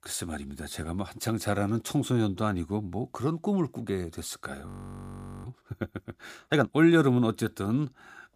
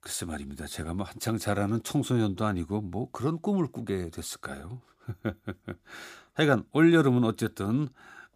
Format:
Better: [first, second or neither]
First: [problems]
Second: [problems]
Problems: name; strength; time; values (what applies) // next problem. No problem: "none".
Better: second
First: audio freezing; at 4.5 s for 1 s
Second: none